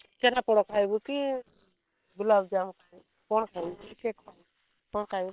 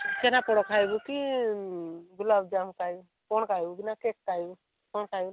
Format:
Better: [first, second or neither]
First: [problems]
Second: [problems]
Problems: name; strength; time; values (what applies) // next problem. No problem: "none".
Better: second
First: noise reduction (neural separator model SepFormer WHAM!)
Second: none